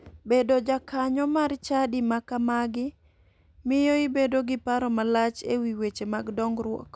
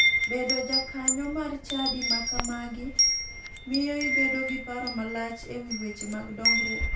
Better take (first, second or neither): first